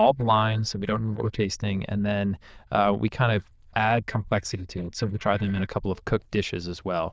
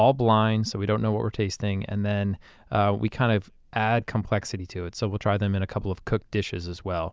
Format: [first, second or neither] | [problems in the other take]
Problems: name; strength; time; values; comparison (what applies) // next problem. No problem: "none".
second | noise reduction (neural diffusion model UNIVERSE++)